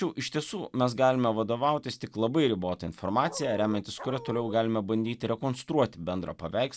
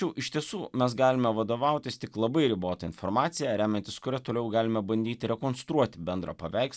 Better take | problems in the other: second | background sound (Dog); 13 dB below the speech

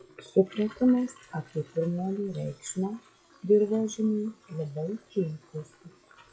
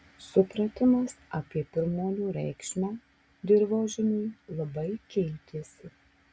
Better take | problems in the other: second | noise reduction (classical method log-MMSE)

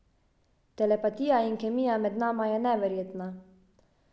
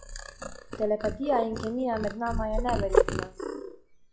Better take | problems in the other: first | noise reduction (classical method log-MMSE)

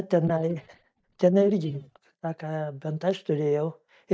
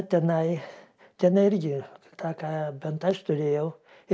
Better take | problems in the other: second | noise reduction (neural mask model DeepFilterNet 3)

